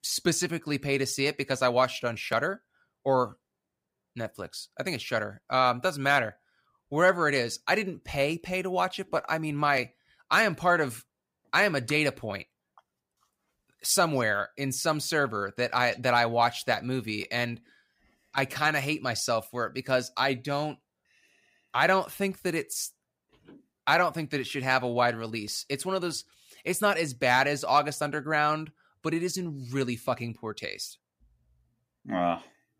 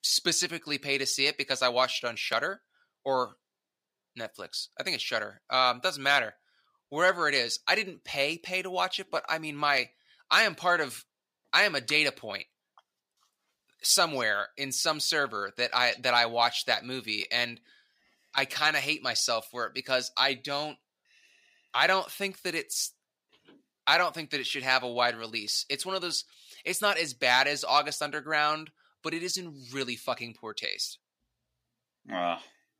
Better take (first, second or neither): first